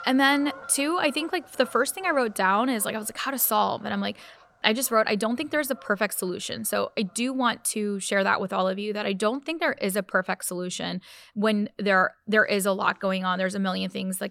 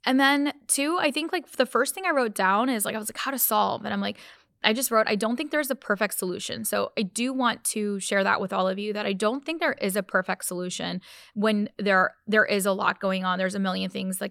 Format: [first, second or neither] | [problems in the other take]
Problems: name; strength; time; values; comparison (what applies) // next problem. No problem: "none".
second | animal sounds; faint; throughout; 25 dB below the speech